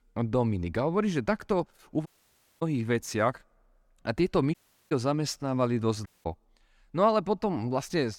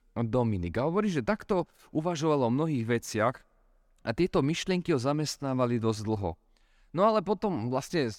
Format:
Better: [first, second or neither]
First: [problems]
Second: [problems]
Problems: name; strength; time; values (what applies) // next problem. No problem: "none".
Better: second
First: audio cutting out; at 2 s for 0.5 s, at 4.5 s and at 6 s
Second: none